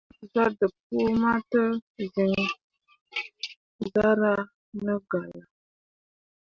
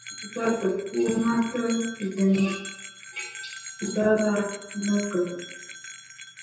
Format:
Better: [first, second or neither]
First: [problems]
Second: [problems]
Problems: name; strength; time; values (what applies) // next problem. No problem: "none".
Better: first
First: none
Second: background sound (Bell); 13 dB below the speech // room echo; dies away in 0.8 s